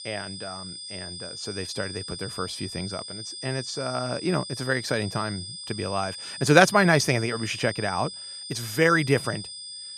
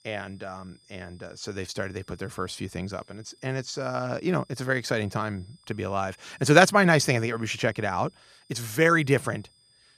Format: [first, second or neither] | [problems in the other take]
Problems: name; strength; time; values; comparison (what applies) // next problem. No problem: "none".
second | high-pitched whine; loud; throughout; 5 kHz, 10 dB below the speech; faint in the second